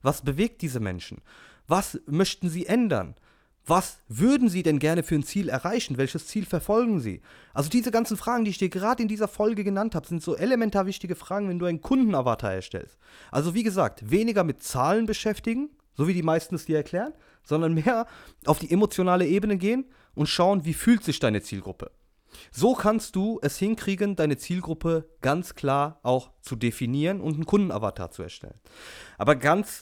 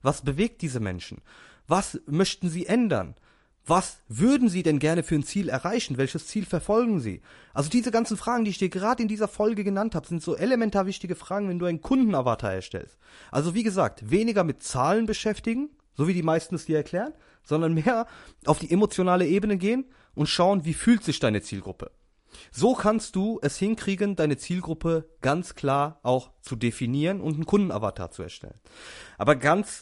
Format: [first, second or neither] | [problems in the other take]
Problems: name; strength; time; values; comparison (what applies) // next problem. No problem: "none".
first | garbled, watery; slightly; nothing above 11 kHz